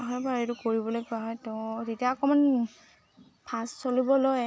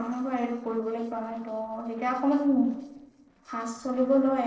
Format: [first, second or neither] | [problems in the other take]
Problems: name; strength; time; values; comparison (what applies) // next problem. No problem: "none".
first | noise reduction (neural separator model SepFormer DNS4)